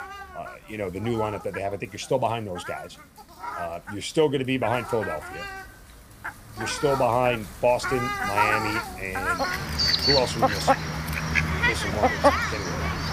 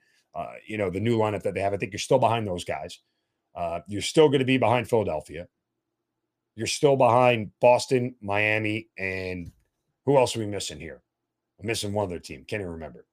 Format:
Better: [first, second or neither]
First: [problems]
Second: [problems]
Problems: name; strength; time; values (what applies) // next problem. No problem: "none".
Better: second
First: animal sounds; very loud; throughout; 2 dB above the speech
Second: none